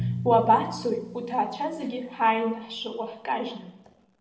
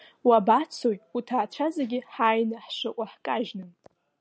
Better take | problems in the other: second | background sound (Drum); 11 dB below the speech // room echo; dies away in 0.7 s

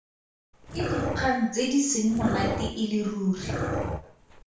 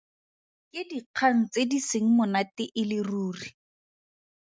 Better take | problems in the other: second | background sound (Dog); 4 dB below the speech // room echo; dies away in 0.5 s

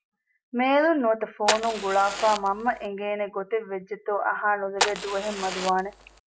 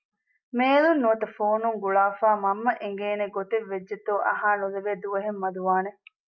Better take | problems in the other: second | background sound (Fire); 5 dB below the speech

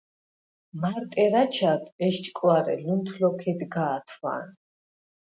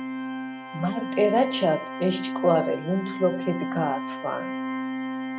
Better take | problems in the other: first | background sound (Organ); 5 dB below the speech

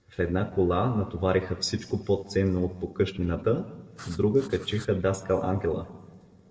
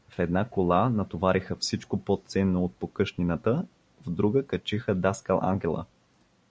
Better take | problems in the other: second | noise reduction (neural separator model SepFormer DNS4)

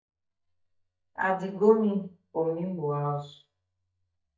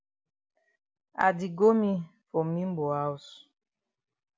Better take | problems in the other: second | noise reduction (neural mask model DeepFilterNet 3)

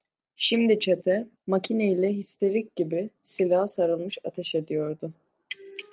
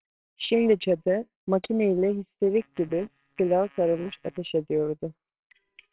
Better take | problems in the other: first | noise reduction (neural separator model SepFormer WHAMR!)

